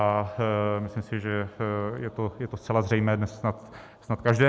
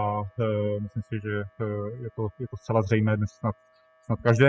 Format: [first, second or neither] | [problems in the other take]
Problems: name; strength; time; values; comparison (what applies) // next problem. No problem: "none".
first | noise reduction (classical method spectral subtraction)